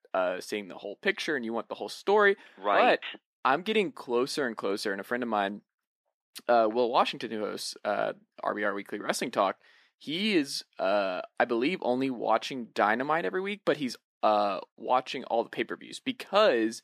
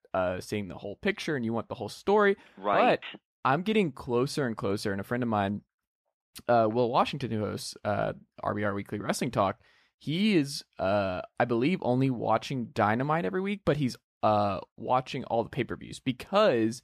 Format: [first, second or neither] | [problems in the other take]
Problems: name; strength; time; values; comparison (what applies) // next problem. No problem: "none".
second | thin; very slightly; fading below 250 Hz